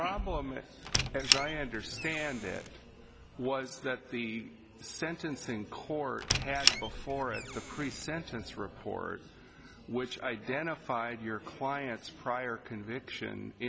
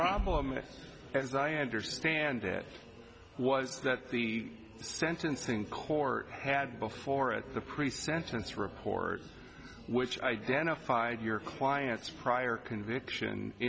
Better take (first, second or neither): second